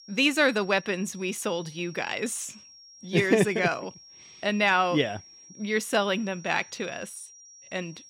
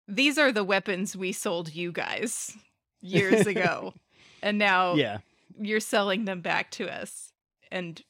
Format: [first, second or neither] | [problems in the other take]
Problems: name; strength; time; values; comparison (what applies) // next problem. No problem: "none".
second | high-pitched whine; faint; throughout; 5.5 kHz, 20 dB below the speech